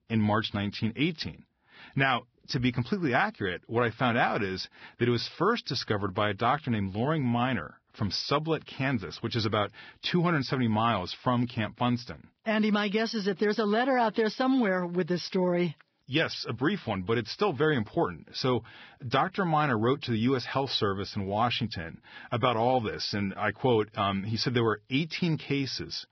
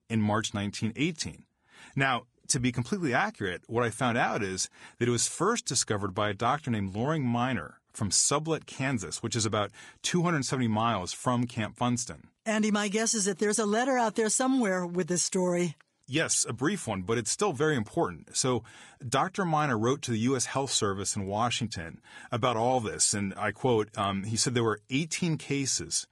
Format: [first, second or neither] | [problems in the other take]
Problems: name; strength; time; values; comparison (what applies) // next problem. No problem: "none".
second | garbled, watery; badly; nothing above 5.5 kHz; slightly in the second